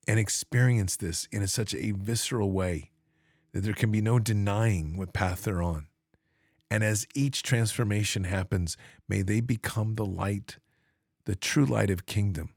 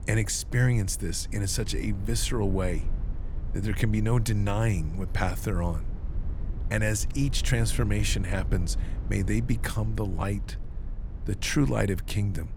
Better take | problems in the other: first | low rumble; noticeable; throughout; 20 dB below the speech

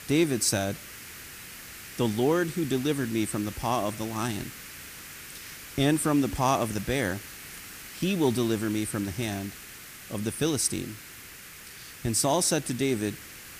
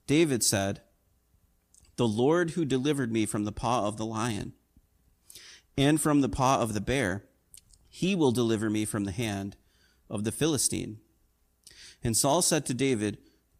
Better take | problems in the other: second | hiss; noticeable; throughout; 15 dB below the speech

